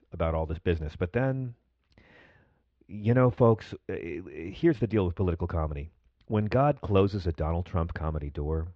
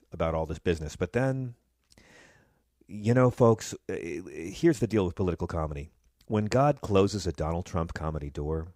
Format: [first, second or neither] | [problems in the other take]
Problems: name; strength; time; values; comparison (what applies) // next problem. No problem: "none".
second | muffled; slightly; fading above 3.5 kHz